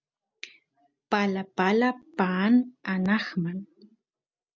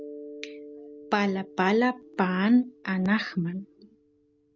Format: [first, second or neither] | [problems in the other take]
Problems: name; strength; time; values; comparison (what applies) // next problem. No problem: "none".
first | background sound (Mallet percussion); 19 dB below the speech